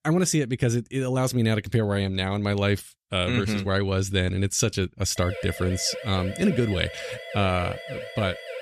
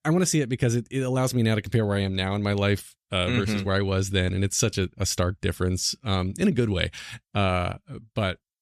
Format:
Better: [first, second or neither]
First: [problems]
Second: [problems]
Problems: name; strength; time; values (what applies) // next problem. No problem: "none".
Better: second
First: siren; noticeable; from 5 s on; peak 10 dB below the speech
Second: none